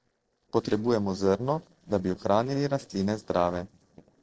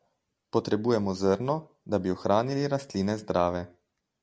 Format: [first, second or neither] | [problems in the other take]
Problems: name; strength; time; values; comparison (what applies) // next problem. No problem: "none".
second | noise reduction (neural separator model SepFormer DNS4)